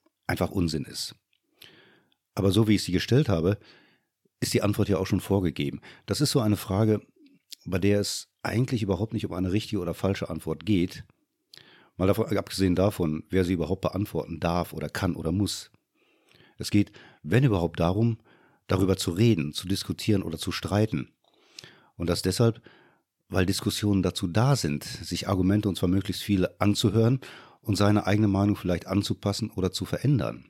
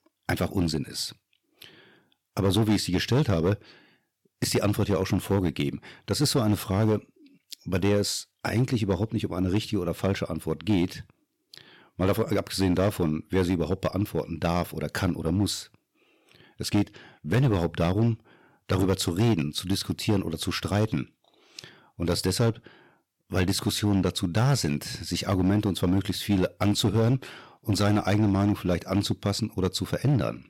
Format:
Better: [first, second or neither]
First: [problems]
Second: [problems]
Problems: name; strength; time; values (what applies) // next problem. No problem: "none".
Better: first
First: none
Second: distortion; slight; 6% of the sound clipped